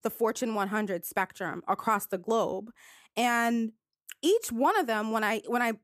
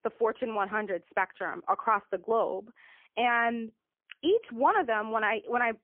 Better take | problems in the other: first | phone-call audio; poor line; nothing above 3.5 kHz

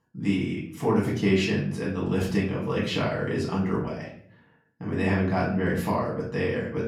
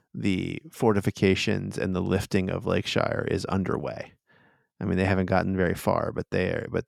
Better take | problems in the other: second | off-mic speech; far // room echo; slight; dies away in 0.5 s

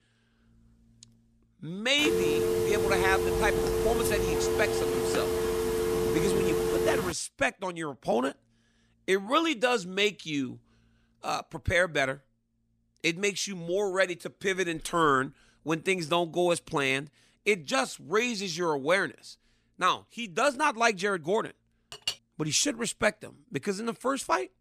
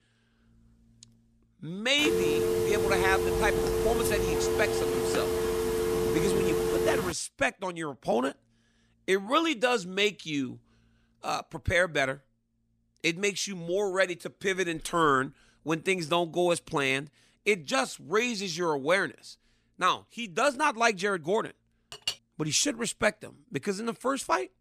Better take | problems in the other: neither | phone ringing; loud; from 2 to 7 s; peak 2 dB above the speech; the same in both // clattering dishes; noticeable; at 22 s; peak 5 dB below the speech; the same in both

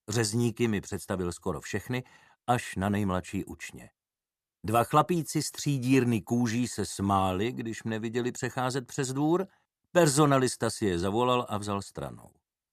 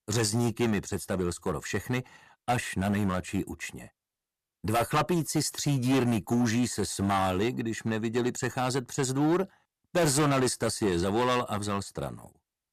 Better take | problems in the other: first | distortion; heavy; 9% of the sound clipped

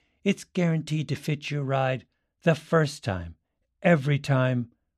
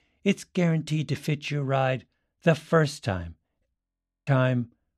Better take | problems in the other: first | audio freezing; at 4 s for 0.5 s

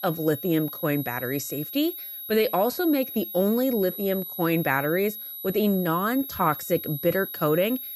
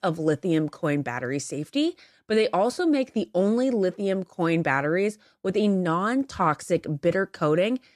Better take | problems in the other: second | high-pitched whine; loud; throughout; 11.5 kHz, 8 dB below the speech

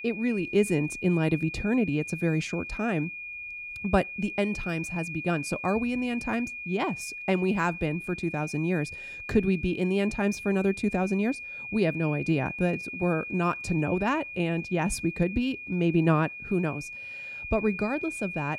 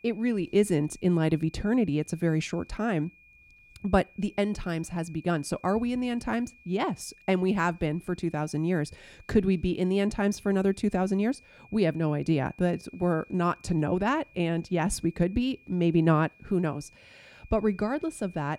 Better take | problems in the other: second | high-pitched whine; loud; throughout; 2.5 kHz, 8 dB below the speech; faint in the second

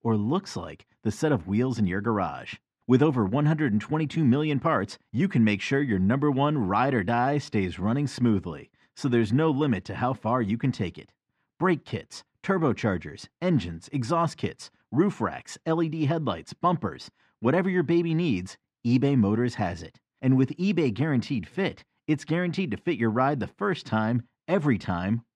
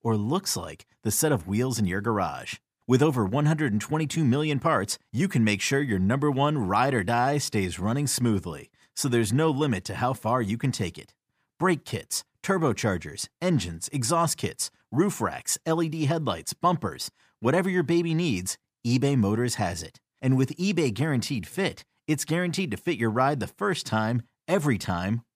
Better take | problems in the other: second | muffled; slightly; fading above 3.5 kHz

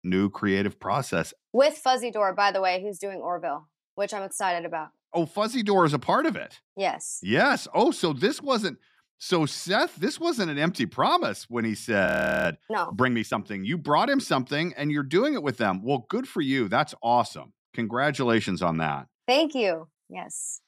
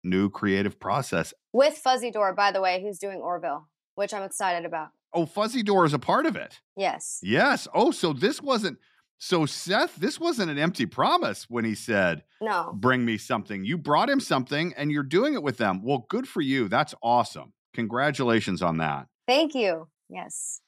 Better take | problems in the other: second | audio freezing; at 12 s

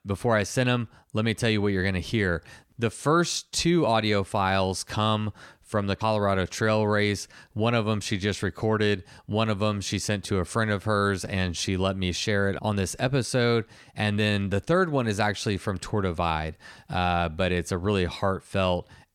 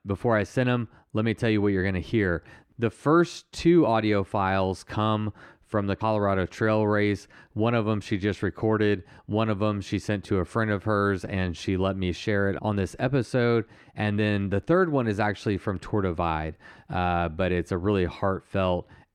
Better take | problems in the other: first | muffled; slightly; fading above 3.5 kHz

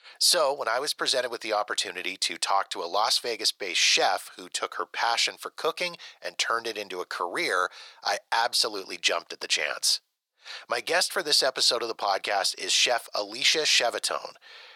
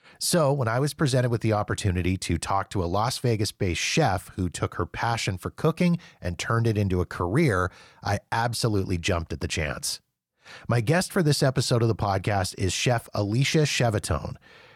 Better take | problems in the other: second | thin; very; fading below 550 Hz

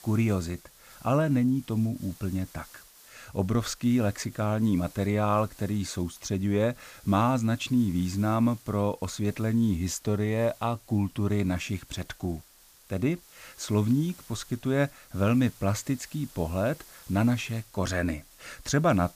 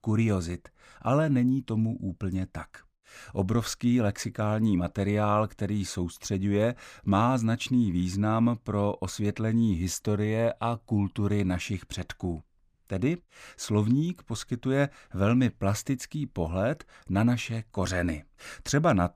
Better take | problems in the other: second | hiss; faint; throughout; 25 dB below the speech

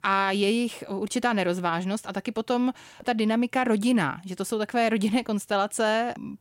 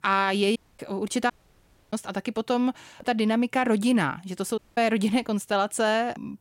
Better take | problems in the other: first | audio cutting out; at 0.5 s, at 1.5 s for 0.5 s and at 4.5 s

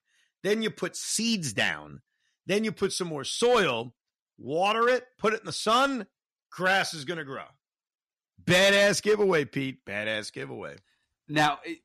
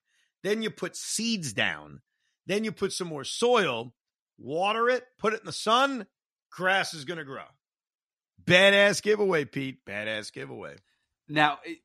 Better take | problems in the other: second | distortion; slight; 3% of the sound clipped

